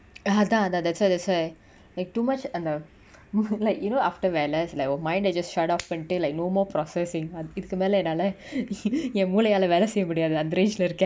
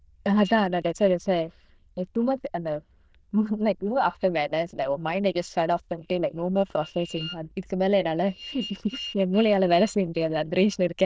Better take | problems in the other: first | noise reduction (neural diffusion model UNIVERSE++)

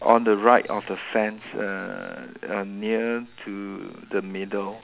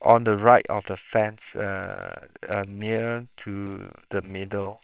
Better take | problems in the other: first | noise reduction (neural separator model SepFormer WHAMR!)

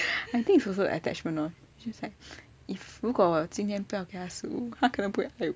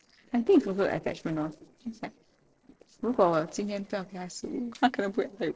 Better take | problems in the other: first | noise reduction (neural separator model SepFormer DNS4)

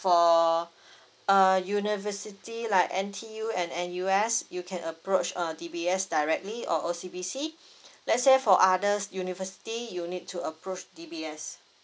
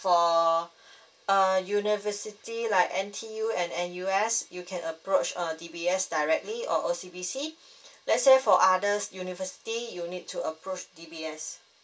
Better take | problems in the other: first | room echo; dies away in 0.1 s

